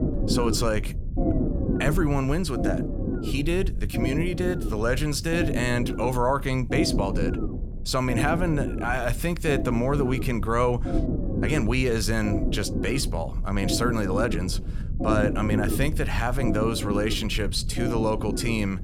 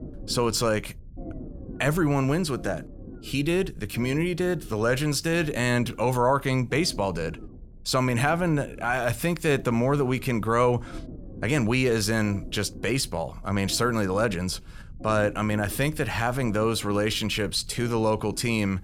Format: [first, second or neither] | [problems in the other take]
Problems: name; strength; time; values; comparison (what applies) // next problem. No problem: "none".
second | low rumble; loud; throughout; 7 dB below the speech; faint in the second